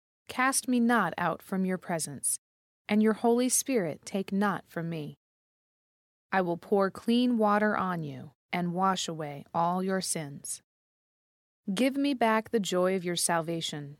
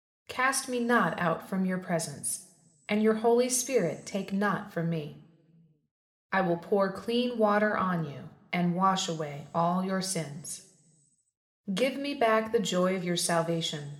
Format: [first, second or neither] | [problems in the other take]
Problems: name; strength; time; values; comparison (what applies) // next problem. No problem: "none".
first | room echo; very slight; dies away in 0.7 s